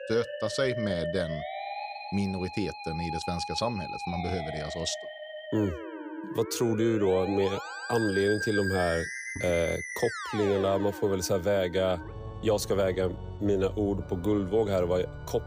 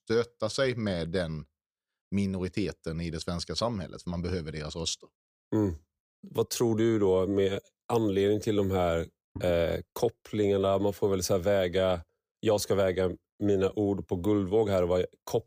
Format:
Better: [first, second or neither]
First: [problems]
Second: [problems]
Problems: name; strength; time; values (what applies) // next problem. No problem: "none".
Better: second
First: background music; loud; throughout; 8 dB below the speech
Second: none